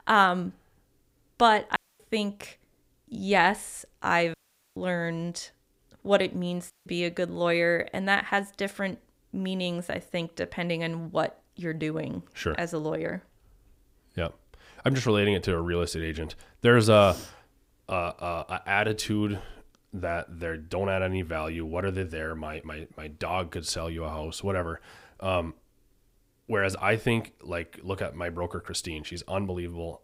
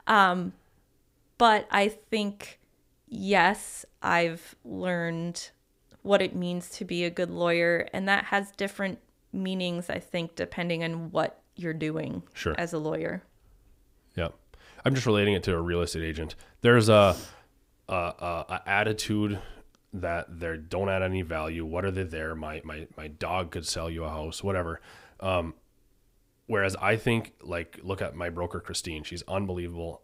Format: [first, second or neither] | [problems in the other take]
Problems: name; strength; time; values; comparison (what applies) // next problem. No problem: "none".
second | audio cutting out; at 2 s, at 4.5 s and at 6.5 s